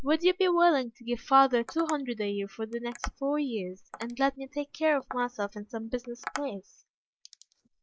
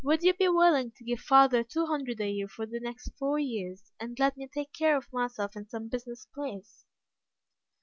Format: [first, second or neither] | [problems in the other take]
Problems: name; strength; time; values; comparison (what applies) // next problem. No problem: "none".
second | noise reduction (neural mask model Resemble Enhance denoiser)